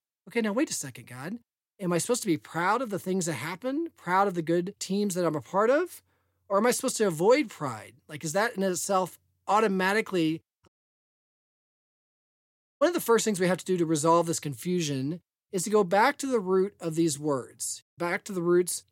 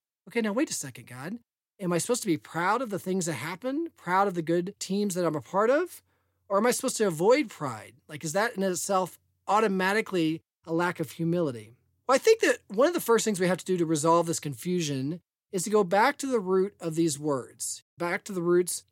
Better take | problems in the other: second | audio cutting out; at 11 s for 2 s

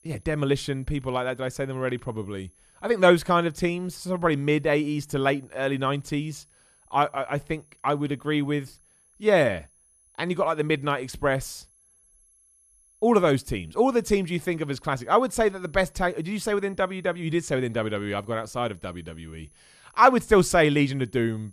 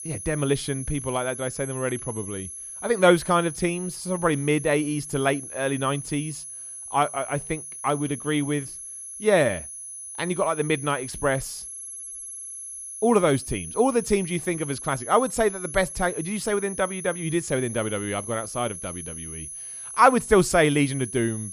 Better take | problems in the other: first | high-pitched whine; loud; throughout; 11 kHz, 10 dB below the speech; faint in the first

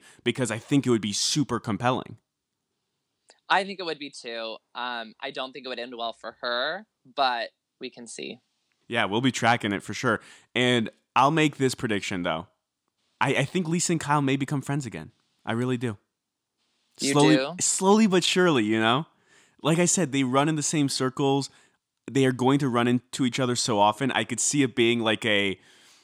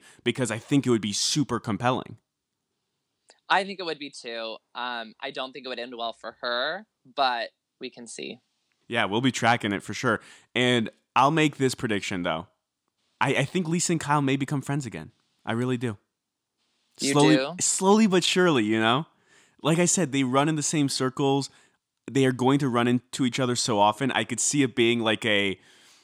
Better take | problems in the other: neither | none

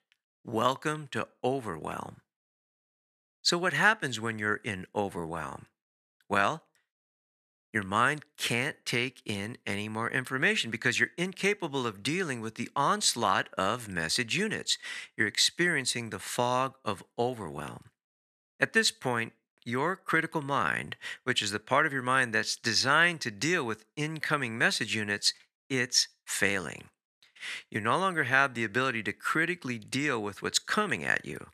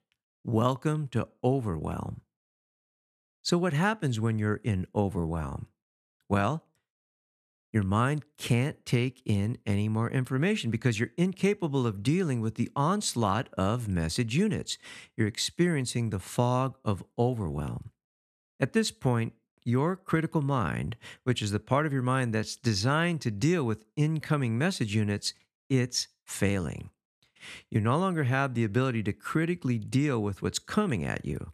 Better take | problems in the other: second | thin; somewhat; fading below 650 Hz

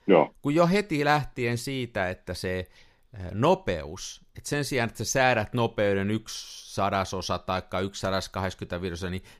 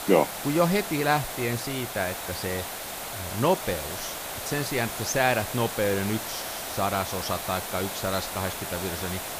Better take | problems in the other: first | hiss; loud; throughout; 5 dB below the speech

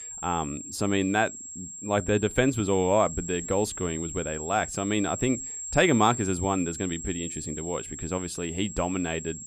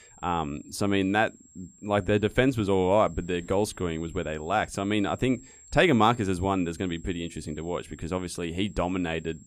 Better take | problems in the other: second | high-pitched whine; loud; throughout; 7.5 kHz, 8 dB below the speech; faint in the second

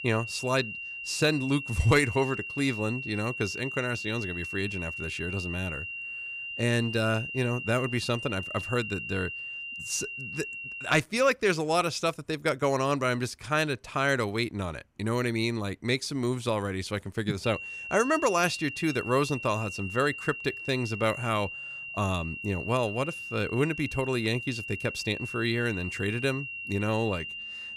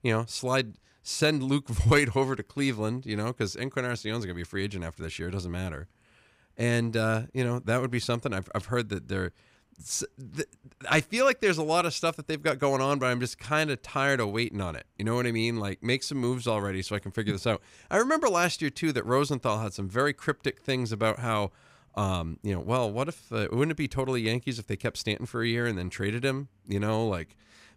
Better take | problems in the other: second | high-pitched whine; loud; until 11 s and from 17 s on; 3 kHz, 7 dB below the speech

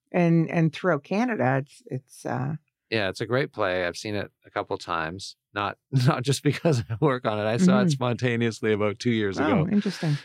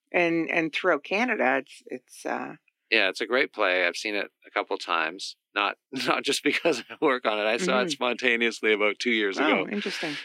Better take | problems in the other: first | thin; somewhat; fading below 250 Hz

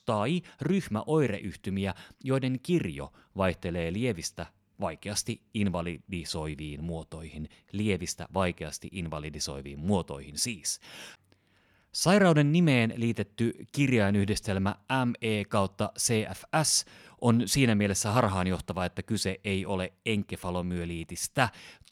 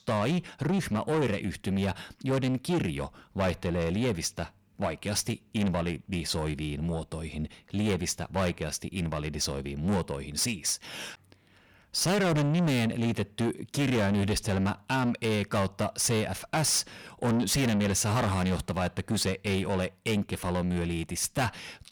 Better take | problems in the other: first | distortion; heavy; 6 dB below the speech

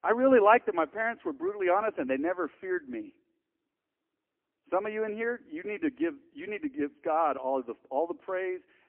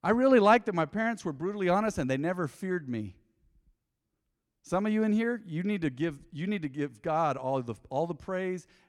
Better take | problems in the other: second | phone-call audio; poor line

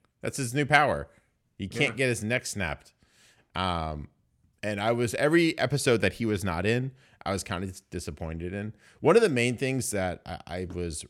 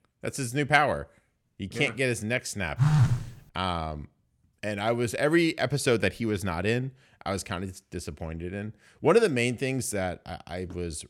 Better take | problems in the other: first | phone ringing; loud; at 3 s; peak 6 dB above the speech

